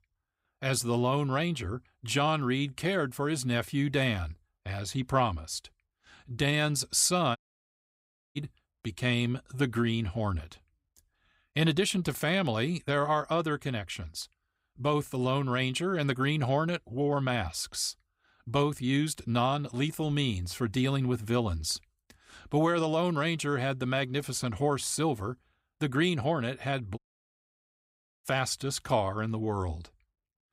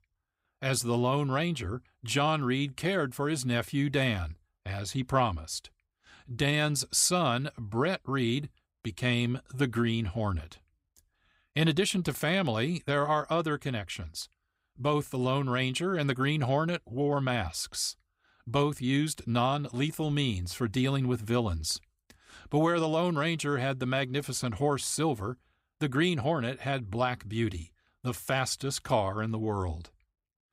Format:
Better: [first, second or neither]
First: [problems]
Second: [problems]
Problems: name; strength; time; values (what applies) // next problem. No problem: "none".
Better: second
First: audio cutting out; at 7.5 s for 1 s and at 27 s for 1.5 s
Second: none